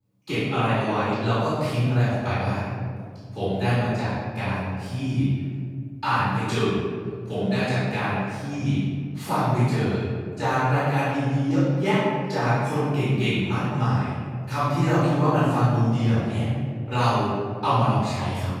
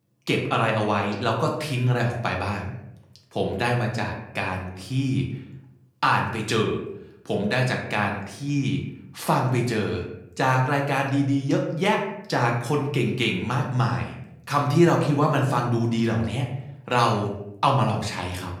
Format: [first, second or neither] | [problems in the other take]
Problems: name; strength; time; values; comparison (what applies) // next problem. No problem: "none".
second | room echo; strong; dies away in 2.2 s; slight in the second // off-mic speech; far; somewhat distant in the second